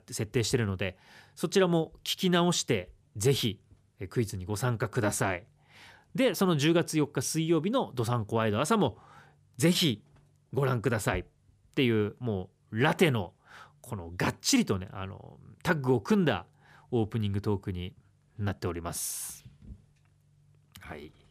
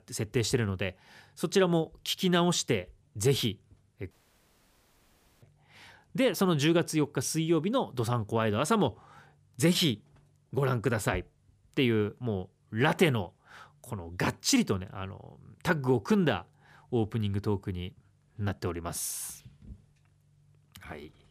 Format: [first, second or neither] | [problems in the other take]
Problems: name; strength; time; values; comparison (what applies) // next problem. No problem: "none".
first | audio cutting out; at 4 s for 1.5 s